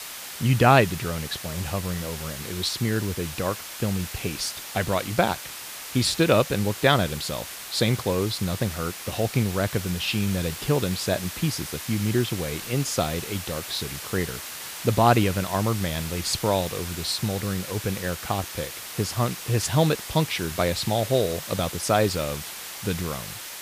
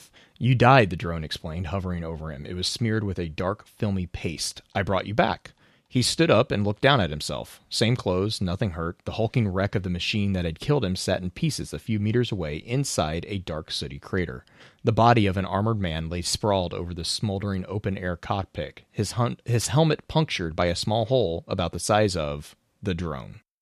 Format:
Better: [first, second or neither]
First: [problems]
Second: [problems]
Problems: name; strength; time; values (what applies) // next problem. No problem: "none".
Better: second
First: hiss; loud; throughout; 9 dB below the speech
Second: none